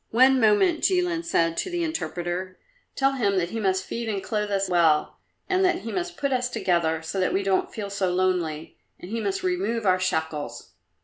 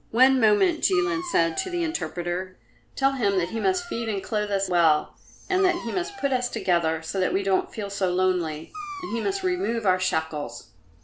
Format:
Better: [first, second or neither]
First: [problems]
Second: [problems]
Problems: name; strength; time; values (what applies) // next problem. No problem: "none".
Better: first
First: none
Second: background sound (Dog); 17 dB below the speech